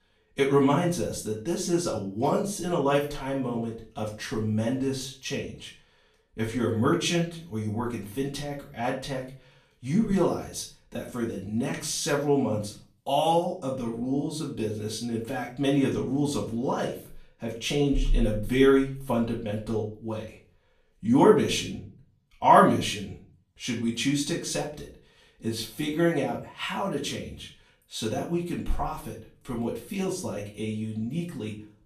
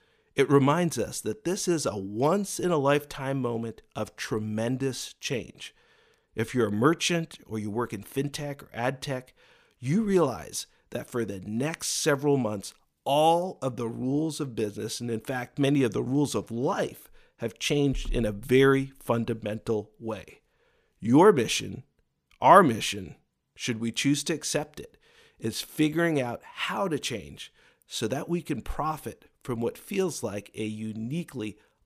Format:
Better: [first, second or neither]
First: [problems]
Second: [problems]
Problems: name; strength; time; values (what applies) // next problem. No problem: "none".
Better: second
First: room echo; slight; dies away in 0.4 s // off-mic speech; far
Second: none